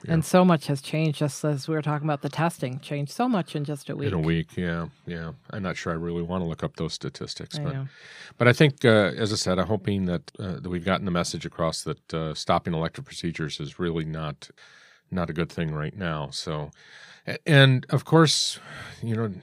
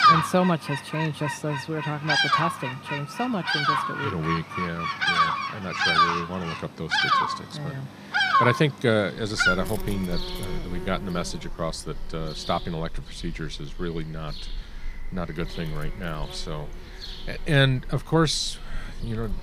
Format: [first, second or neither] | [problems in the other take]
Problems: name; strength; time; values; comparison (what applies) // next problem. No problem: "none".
first | animal sounds; very loud; throughout; 3 dB above the speech